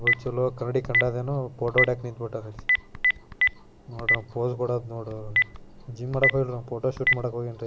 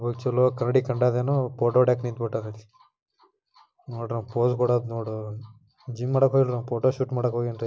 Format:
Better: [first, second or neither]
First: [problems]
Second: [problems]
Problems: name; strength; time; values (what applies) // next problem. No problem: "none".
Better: second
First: background sound (Telephone); 1 dB above the speech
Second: none